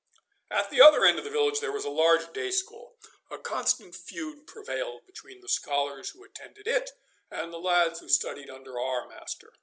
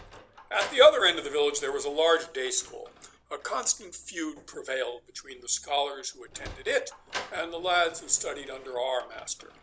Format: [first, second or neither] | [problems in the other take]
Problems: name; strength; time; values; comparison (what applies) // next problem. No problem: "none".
first | background sound (Sliding door); 18 dB below the speech